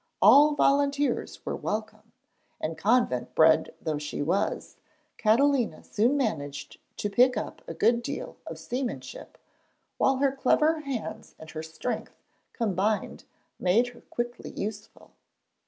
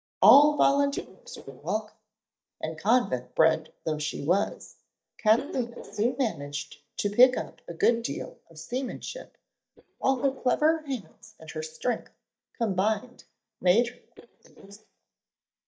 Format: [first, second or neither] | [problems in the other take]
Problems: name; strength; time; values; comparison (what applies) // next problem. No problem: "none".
first | noise reduction (neural mask model DeepFilterNet 3)